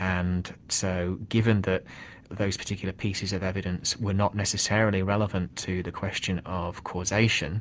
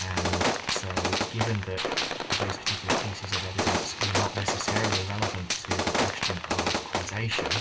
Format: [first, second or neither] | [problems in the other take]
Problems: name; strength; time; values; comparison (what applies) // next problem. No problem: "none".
first | background sound (Gunshot, gunfire); 5 dB above the speech // room echo; dies away in 0.2 s